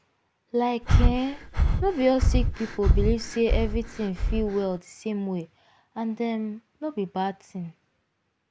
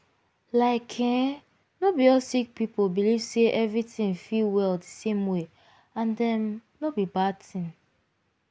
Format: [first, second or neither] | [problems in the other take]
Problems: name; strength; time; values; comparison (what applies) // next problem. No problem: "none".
second | background sound (Breathing); 5 dB above the speech